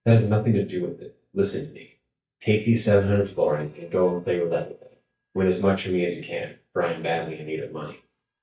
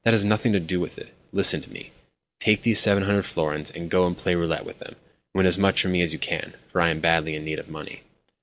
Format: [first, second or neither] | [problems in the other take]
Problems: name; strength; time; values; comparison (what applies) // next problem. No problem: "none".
second | noise reduction (neural mask model DeepFilterNet 3)